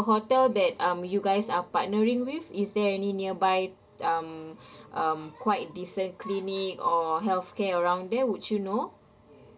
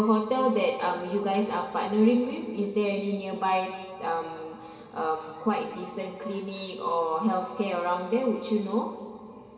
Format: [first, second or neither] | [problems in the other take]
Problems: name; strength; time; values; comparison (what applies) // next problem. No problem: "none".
first | room echo; dies away in 2.1 s